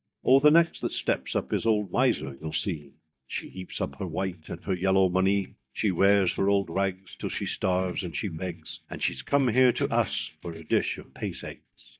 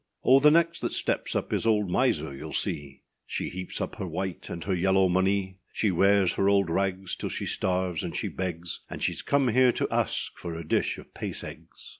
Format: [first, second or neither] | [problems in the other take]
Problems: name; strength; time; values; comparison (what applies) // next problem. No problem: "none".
second | noise reduction (neural mask model DeepFilterNet 3)